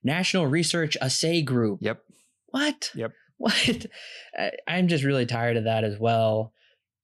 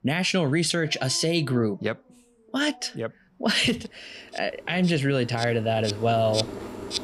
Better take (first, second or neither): first